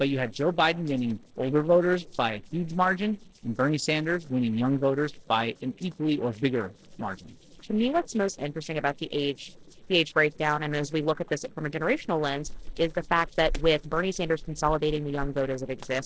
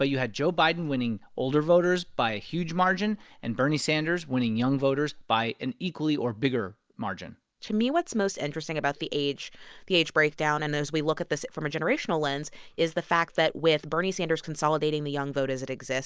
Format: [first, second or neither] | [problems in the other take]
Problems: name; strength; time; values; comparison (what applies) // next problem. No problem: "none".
second | noise reduction (neural separator model SepFormer DNS4)